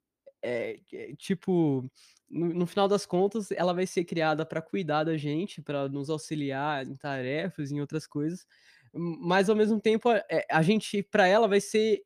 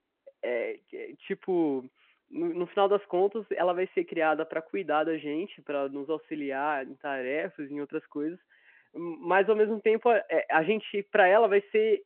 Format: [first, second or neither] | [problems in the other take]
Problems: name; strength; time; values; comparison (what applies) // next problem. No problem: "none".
first | phone-call audio